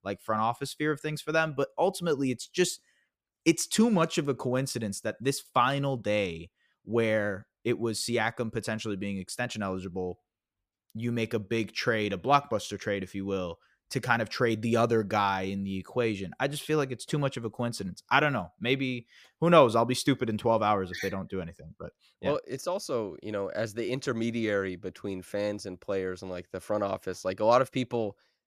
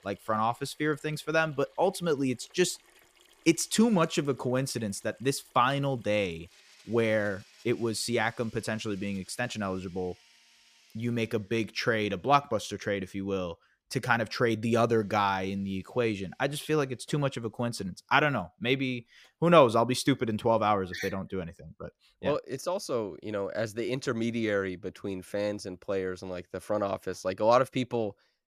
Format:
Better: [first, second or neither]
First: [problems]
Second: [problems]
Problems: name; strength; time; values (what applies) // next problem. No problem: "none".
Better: first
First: none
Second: household noises; faint; throughout; 30 dB below the speech